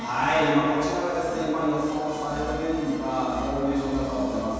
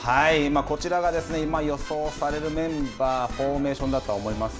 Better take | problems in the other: second | room echo; dies away in 2.1 s

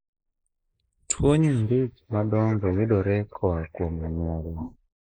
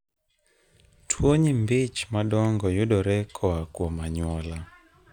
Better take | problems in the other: second | noise reduction (neural mask model Resemble Enhance denoiser)

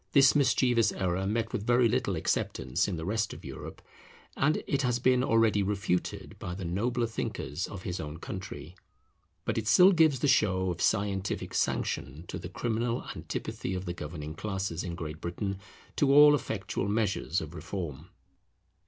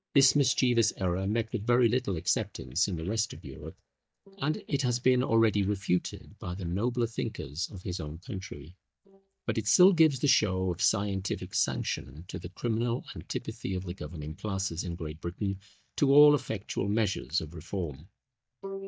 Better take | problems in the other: first | noise reduction (neural mask model DeepFilterNet 3)

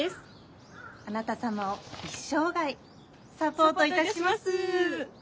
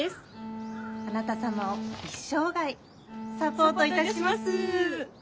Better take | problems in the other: first | background sound (Bowed string instrument); 7 dB below the speech

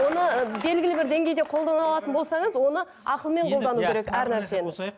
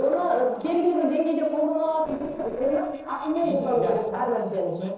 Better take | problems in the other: first | noise reduction (neural separator model SepFormer DNS4)

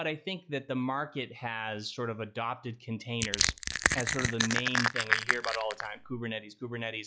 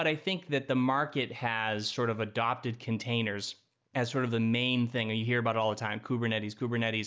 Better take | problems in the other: second | noise reduction (classical method log-MMSE)

